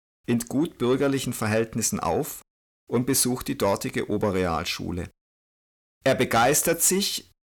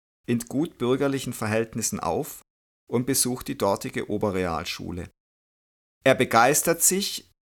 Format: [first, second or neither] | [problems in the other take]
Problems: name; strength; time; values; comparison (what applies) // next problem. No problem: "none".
second | distortion; slight; 10 dB below the speech